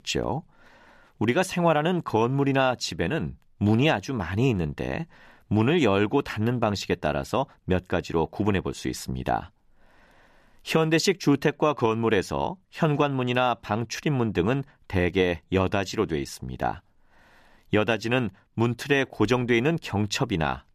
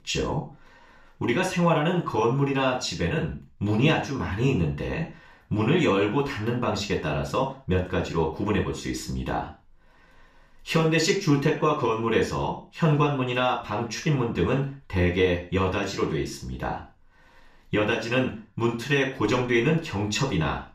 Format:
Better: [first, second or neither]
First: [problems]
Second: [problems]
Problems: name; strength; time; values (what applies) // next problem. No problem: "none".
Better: first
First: none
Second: room echo; slight; dies away in 0.4 s // off-mic speech; far